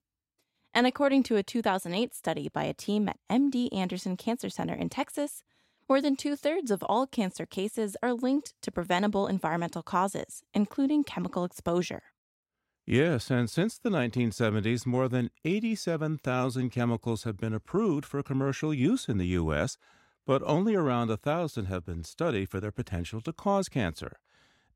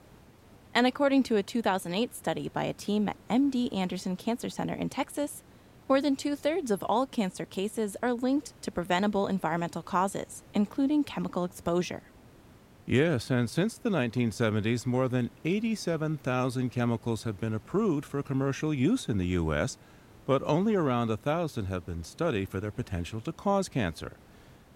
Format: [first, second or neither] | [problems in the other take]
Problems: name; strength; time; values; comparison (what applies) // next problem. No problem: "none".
first | hiss; faint; throughout; 25 dB below the speech